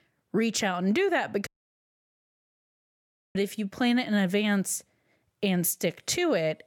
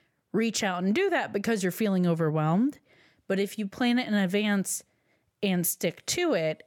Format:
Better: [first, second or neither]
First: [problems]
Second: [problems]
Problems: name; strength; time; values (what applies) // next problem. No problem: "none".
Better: second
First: audio cutting out; at 1.5 s for 2 s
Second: none